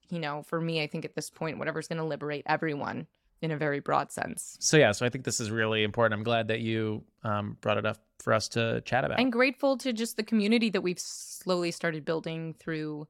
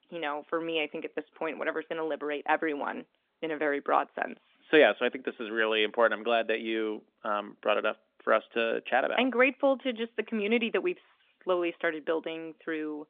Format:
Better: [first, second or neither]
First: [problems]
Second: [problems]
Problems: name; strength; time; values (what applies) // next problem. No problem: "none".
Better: first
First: none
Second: phone-call audio; nothing above 3.5 kHz